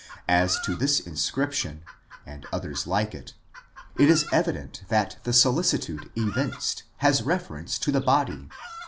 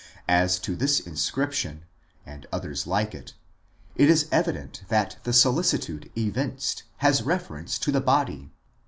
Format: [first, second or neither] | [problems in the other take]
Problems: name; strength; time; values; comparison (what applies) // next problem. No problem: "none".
second | background sound (Chicken, rooster); 18 dB below the speech